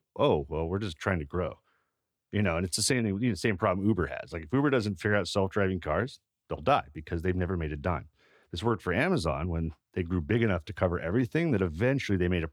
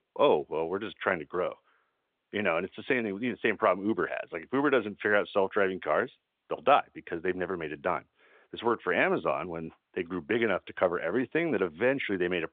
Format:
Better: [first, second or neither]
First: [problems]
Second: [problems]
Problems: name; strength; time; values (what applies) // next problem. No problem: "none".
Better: first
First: none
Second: phone-call audio; nothing above 3.5 kHz